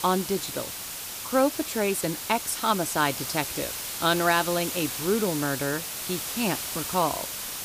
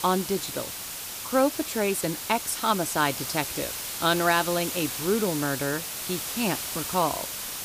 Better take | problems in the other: neither | hiss; loud; throughout; 4 dB below the speech; the same in both

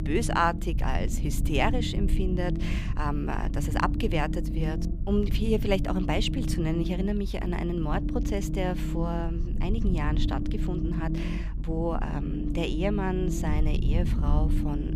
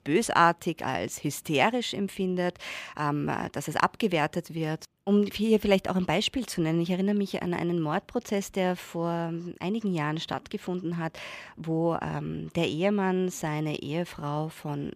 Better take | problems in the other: second | low rumble; loud; throughout; 8 dB below the speech

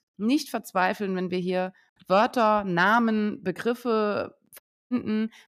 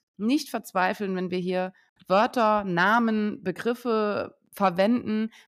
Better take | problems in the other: second | audio cutting out; at 4.5 s

